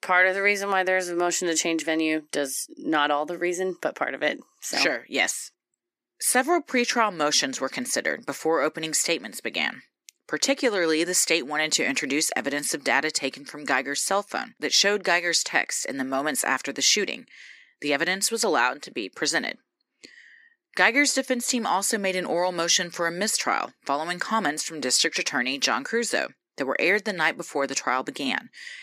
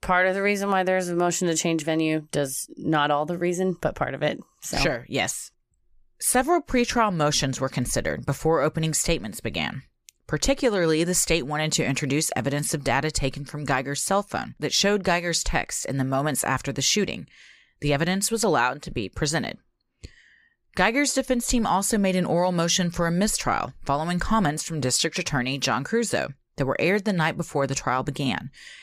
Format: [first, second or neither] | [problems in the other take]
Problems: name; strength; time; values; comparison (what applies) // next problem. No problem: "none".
second | thin; very slightly; fading below 250 Hz